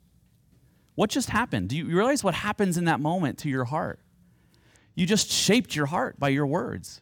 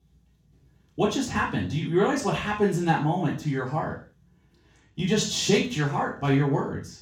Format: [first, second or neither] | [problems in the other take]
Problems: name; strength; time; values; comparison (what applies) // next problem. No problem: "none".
first | room echo; noticeable; dies away in 0.4 s // off-mic speech; far